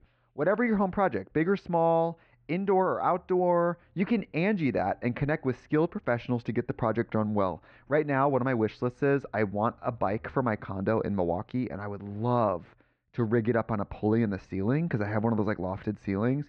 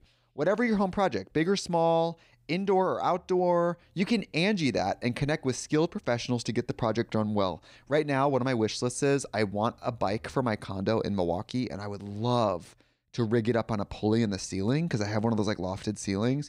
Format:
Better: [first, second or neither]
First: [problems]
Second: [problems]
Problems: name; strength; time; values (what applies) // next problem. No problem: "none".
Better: second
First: muffled; very; fading above 2 kHz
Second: none